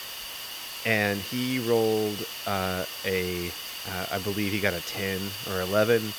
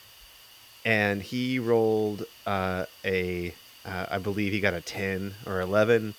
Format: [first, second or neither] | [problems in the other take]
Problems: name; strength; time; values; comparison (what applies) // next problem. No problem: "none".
second | hiss; loud; throughout; 6 dB below the speech; faint in the second